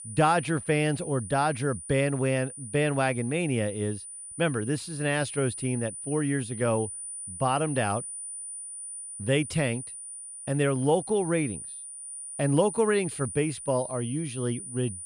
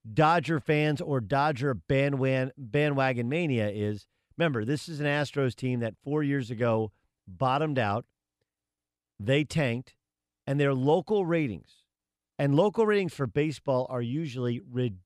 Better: second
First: high-pitched whine; loud; throughout; 9.5 kHz, 9 dB below the speech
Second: none

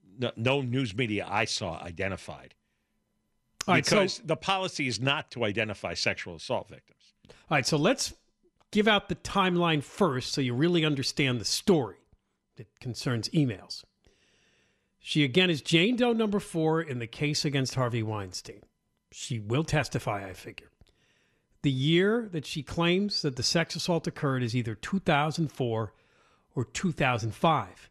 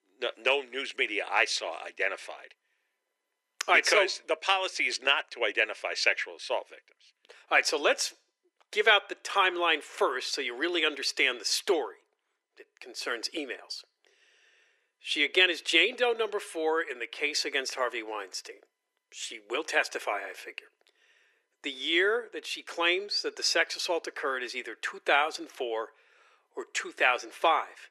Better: first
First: none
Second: thin; very; fading below 350 Hz

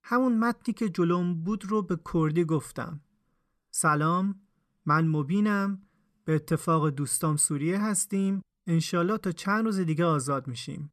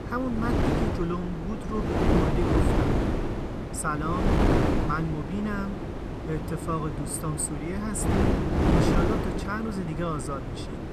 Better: first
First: none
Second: wind noise on the microphone; heavy; 2 dB above the speech

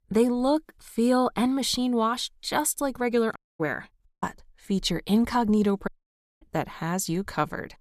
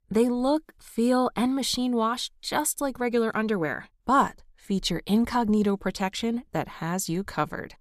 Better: second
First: audio cutting out; at 3.5 s, at 4 s and at 6 s for 0.5 s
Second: none

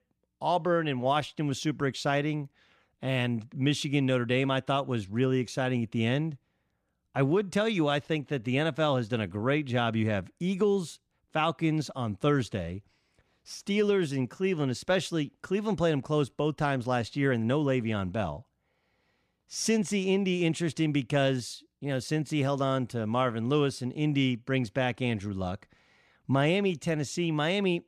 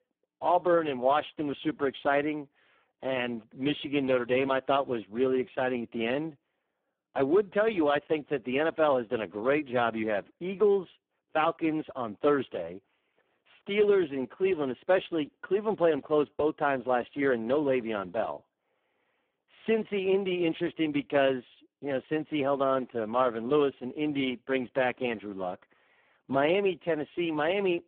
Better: first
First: none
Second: phone-call audio; poor line

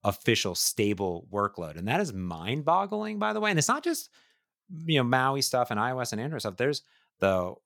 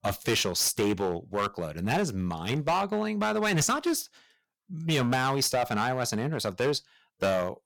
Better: first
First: none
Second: distortion; heavy; 11% of the sound clipped

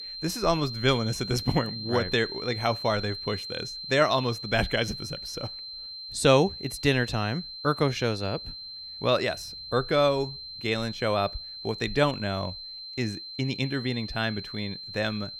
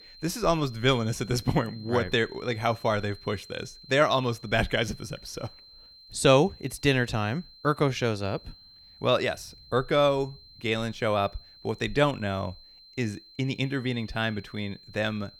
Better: second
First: high-pitched whine; loud; throughout; 4 kHz, 9 dB below the speech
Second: high-pitched whine; faint; throughout; 4 kHz, 20 dB below the speech

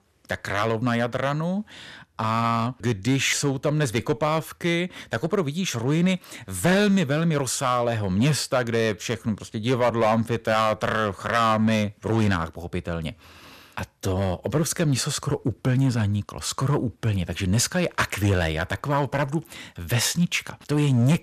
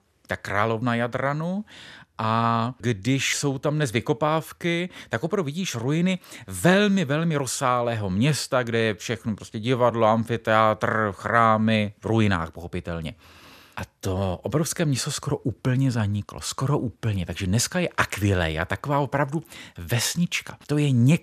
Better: second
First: distortion; slight; 4% of the sound clipped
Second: none

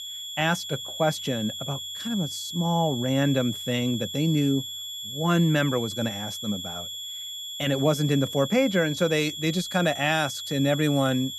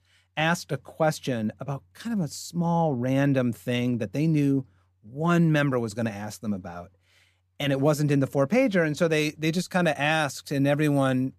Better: second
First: high-pitched whine; loud; throughout; 3.5 kHz, 7 dB below the speech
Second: none

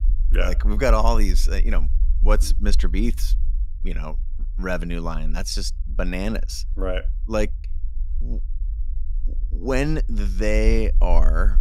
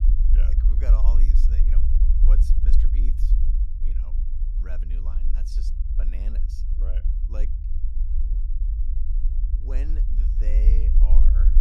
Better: first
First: low rumble; faint; throughout; 25 dB below the speech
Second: low rumble; loud; throughout; as loud as the speech

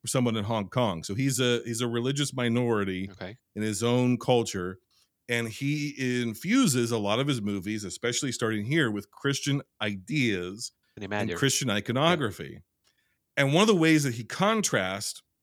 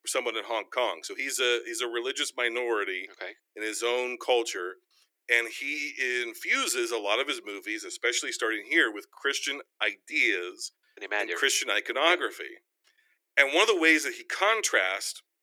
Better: first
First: none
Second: thin; very; fading below 350 Hz

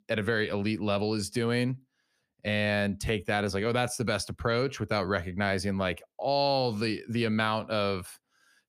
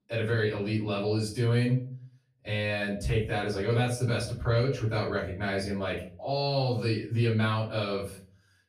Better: first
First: none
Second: off-mic speech; far // room echo; slight; dies away in 0.5 s

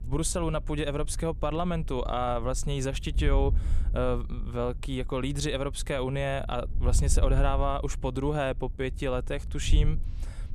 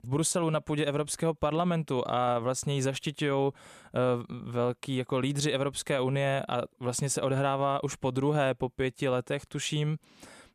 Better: second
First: wind noise on the microphone; occasional gusts; 20 dB below the speech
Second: none

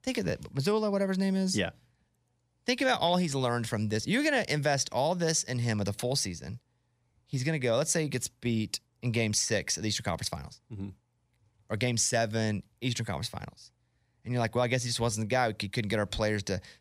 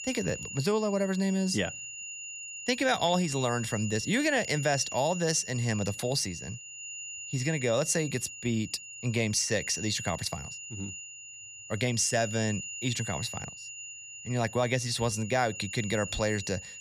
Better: first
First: none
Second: high-pitched whine; loud; throughout; 3 kHz, 9 dB below the speech

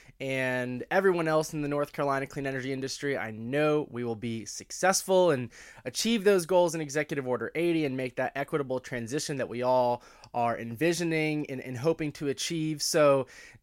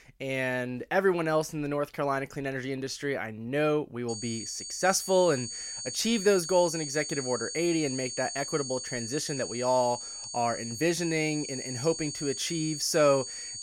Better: first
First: none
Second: high-pitched whine; loud; from 4 s on; 6.5 kHz, 7 dB below the speech

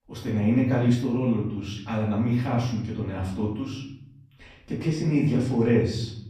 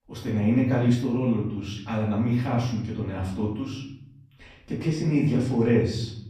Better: neither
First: room echo; noticeable; dies away in 0.8 s // off-mic speech; far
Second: room echo; noticeable; dies away in 0.8 s // off-mic speech; far

